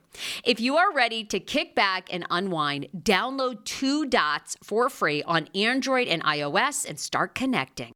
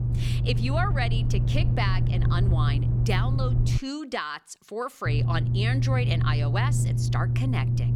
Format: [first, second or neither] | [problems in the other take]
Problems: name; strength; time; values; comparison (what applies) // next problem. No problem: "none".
first | low rumble; loud; until 4 s and from 5 s on; 5 dB below the speech